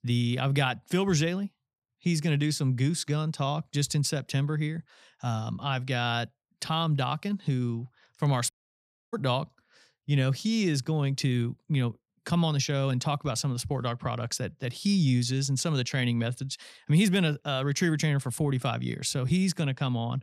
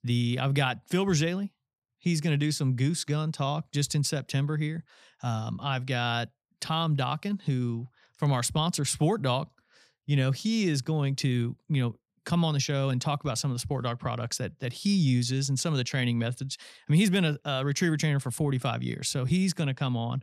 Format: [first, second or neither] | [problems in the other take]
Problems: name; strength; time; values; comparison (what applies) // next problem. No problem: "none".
second | audio cutting out; at 8.5 s for 0.5 s